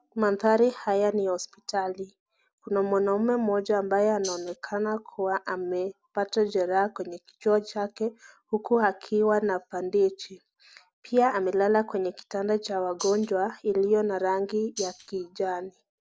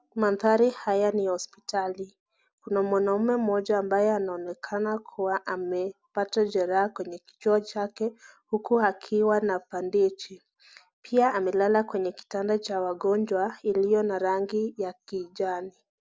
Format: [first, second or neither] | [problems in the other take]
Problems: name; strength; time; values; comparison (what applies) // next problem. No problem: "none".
second | background sound (Tambourine); 11 dB below the speech